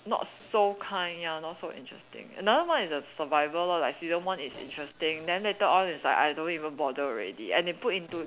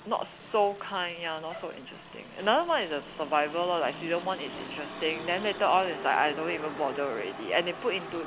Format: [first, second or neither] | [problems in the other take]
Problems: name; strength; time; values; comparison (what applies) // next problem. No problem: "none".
first | background sound (Motor vehicle (road)); 12 dB below the speech